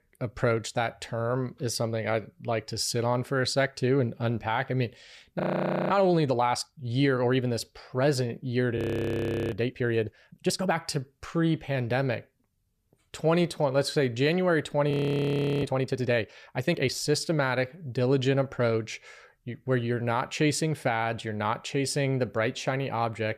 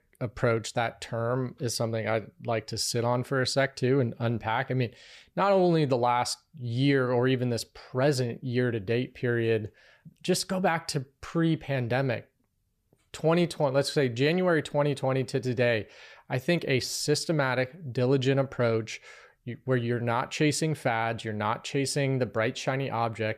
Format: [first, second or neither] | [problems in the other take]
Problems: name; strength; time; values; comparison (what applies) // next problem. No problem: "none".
second | audio freezing; at 5.5 s for 0.5 s, at 9 s for 0.5 s and at 15 s for 0.5 s